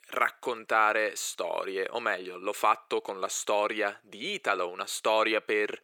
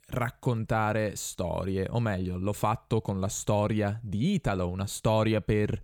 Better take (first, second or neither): second